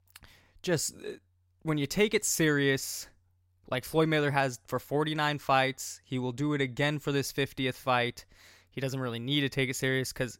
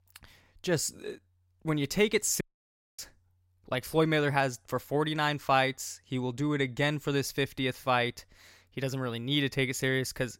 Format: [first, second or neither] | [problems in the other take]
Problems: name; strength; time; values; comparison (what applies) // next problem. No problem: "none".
first | audio cutting out; at 2.5 s for 0.5 s